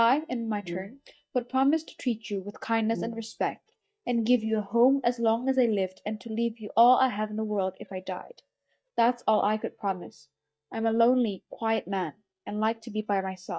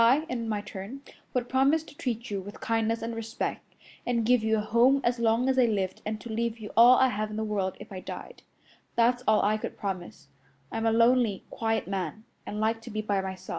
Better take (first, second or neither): second